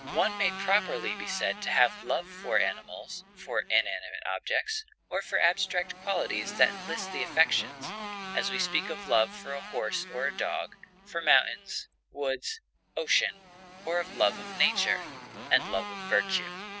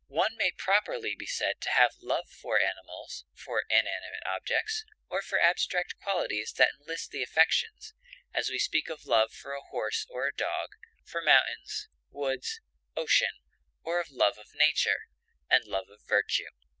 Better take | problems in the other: second | background sound (Motorcycle); 11 dB below the speech

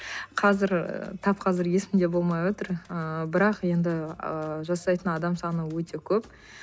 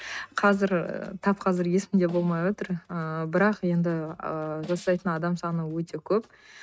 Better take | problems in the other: first | noise reduction (neural mask model RNNoise)

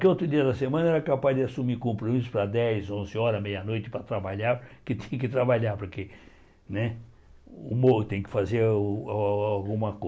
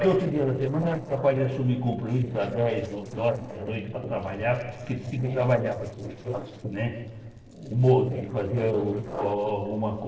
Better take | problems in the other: first | noise reduction (neural separator model SepFormer DNS4)

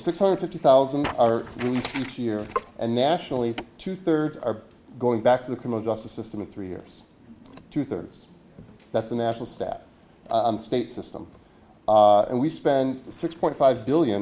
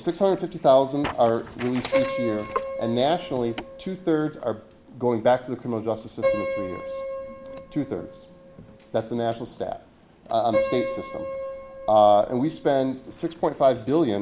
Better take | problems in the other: first | background sound (Piano); 9 dB below the speech

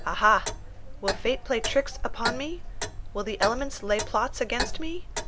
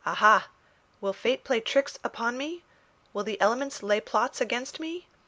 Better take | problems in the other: second | background sound (Clock); 4 dB below the speech

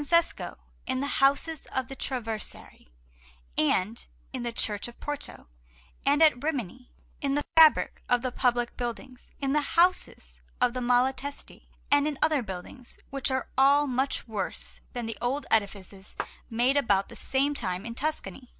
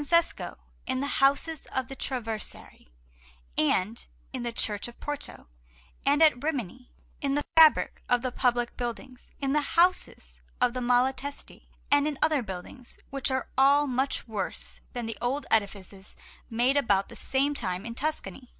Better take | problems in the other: second | background sound (Clapping); 9 dB below the speech

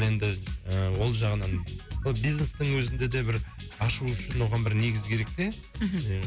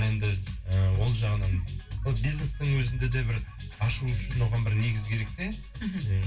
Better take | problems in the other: first | room echo; dies away in 0.2 s

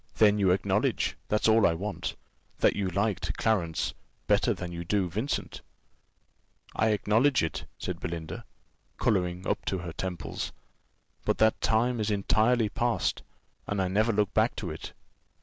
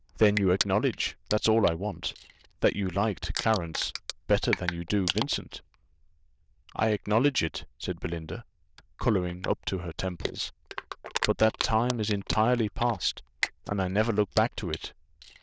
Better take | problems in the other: first | noise reduction (neural diffusion model UNIVERSE++)

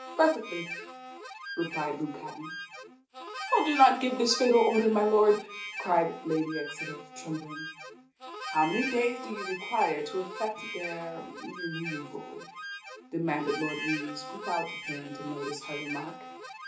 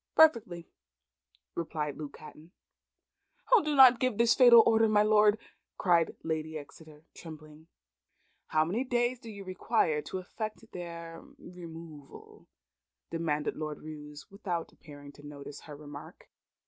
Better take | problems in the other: second | background sound (Harmonica); 10 dB below the speech // room echo; dies away in 0.4 s

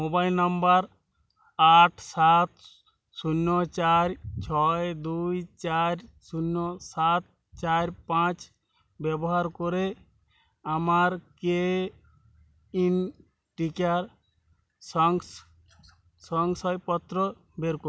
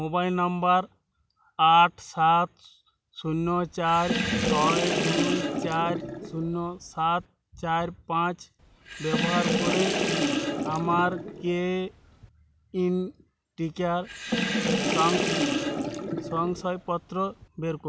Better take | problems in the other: first | background sound (Sink (filling or washing) / Water); 1 dB below the speech

